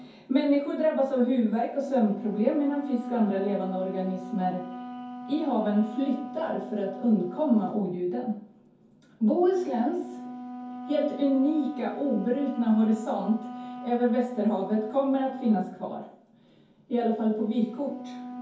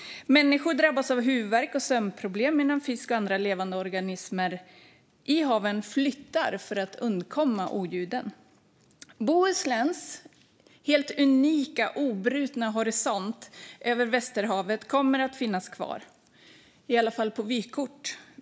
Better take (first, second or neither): second